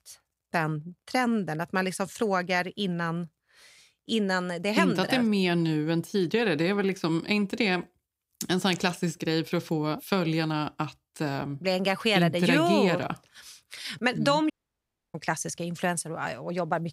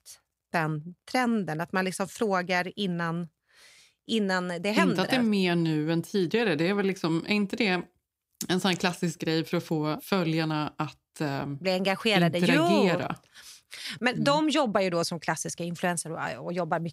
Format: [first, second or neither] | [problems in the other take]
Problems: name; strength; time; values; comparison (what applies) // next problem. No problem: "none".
second | audio cutting out; at 15 s for 0.5 s